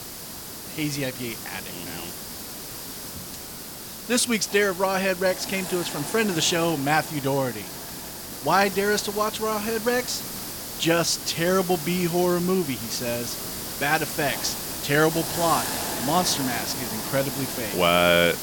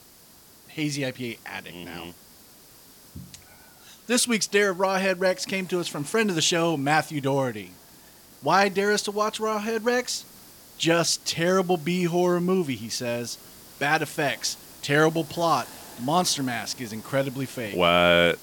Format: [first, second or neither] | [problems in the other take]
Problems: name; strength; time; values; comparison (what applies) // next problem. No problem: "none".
second | hiss; loud; throughout; 7 dB below the speech; faint in the second